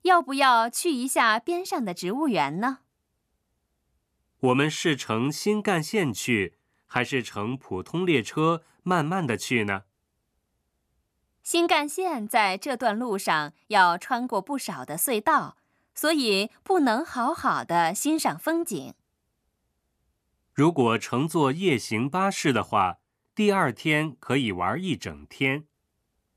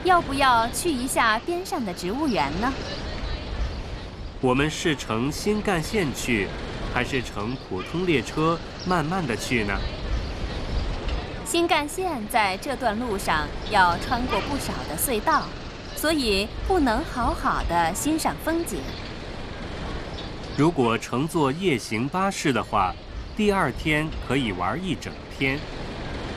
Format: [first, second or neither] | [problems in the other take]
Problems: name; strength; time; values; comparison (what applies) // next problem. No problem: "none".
first | wind noise on the microphone; occasional gusts; 10 dB below the speech